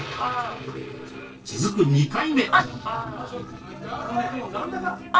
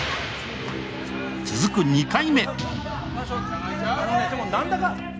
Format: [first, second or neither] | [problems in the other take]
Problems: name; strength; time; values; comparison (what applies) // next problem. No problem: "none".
second | noise reduction (neural separator model SepFormer DNS4)